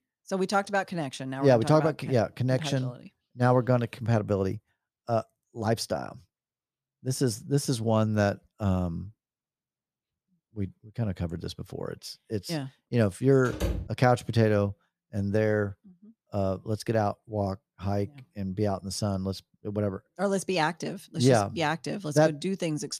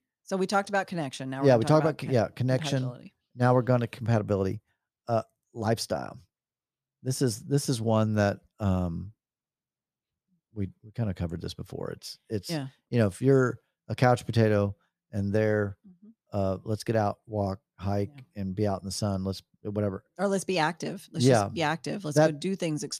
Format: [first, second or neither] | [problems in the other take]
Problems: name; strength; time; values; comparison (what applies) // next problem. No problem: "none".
second | door banging; noticeable; at 13 s; peak 4 dB below the speech